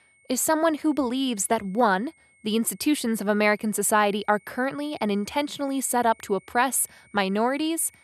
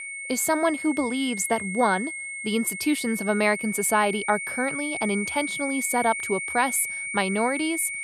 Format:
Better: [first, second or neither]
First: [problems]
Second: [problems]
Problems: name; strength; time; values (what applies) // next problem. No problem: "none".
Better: first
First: high-pitched whine; faint; throughout; 2 kHz, 30 dB below the speech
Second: high-pitched whine; loud; throughout; 2 kHz, 5 dB below the speech